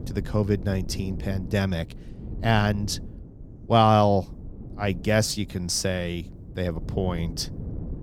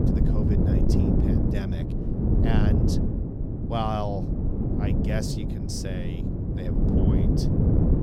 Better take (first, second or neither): first